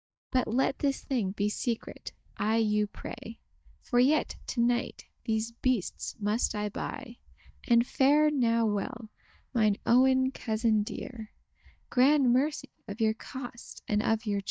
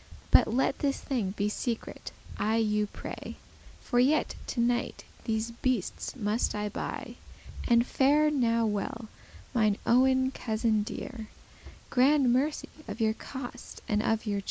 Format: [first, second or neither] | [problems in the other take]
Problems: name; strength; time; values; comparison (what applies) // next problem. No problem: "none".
second | noise reduction (neural mask model DeepFilterNet 3)